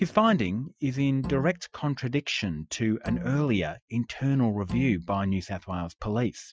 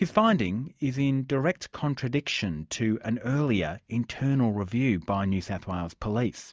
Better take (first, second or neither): second